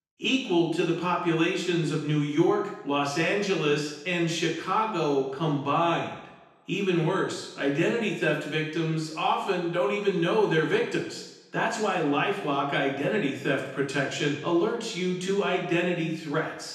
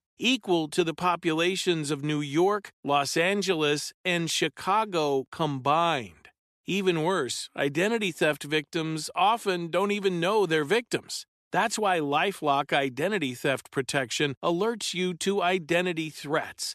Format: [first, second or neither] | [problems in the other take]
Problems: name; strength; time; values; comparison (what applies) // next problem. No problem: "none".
second | room echo; noticeable; dies away in 0.9 s // off-mic speech; far